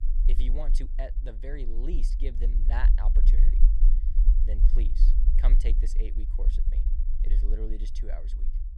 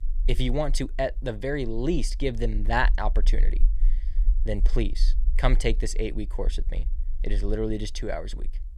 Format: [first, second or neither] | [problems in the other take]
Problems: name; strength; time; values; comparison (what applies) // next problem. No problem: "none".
second | low rumble; loud; throughout; 7 dB below the speech; faint in the second